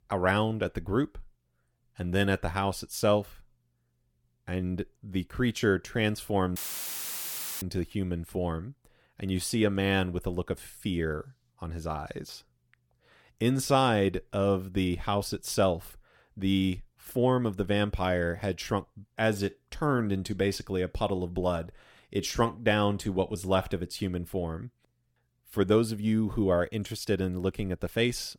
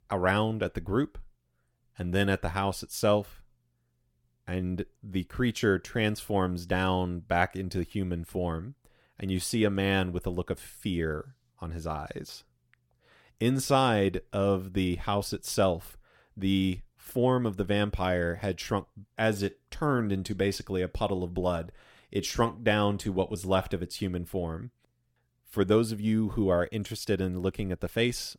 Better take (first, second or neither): second